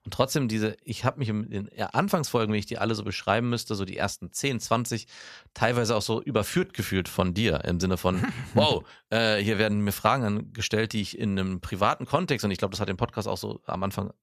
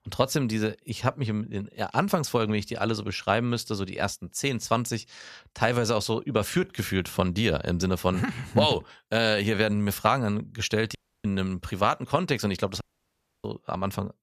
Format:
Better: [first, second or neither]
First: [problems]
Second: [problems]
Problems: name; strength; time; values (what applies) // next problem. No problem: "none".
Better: first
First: none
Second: audio cutting out; at 11 s and at 13 s for 0.5 s